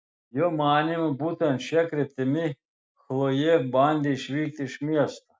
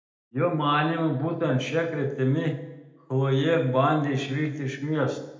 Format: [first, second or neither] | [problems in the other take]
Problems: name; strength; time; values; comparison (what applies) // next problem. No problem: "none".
first | room echo; dies away in 0.8 s